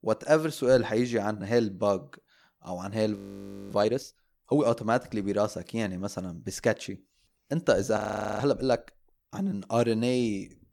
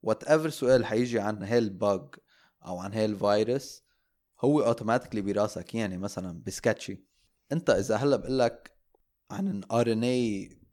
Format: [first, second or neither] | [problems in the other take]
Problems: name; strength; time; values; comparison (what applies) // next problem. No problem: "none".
second | audio freezing; at 3 s for 0.5 s and at 8 s